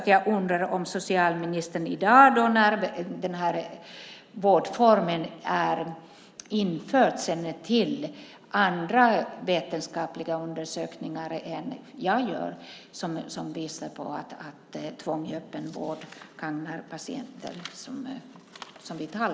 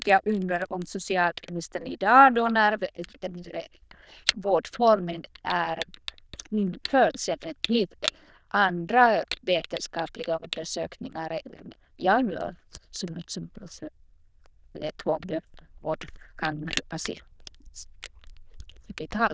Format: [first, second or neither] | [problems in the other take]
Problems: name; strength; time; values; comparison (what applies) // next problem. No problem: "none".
first | noise reduction (neural diffusion model UNIVERSE++)